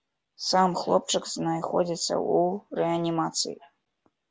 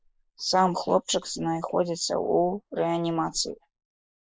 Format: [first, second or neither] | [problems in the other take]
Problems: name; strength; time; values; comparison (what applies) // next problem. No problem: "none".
first | noise reduction (neural mask model Resemble Enhance denoiser)